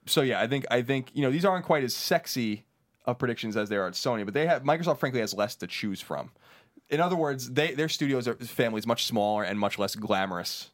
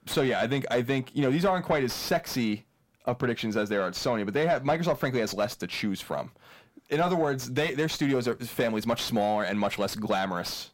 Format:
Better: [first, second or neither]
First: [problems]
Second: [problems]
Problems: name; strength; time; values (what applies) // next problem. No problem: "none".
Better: first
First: none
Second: distortion; slight; 10 dB below the speech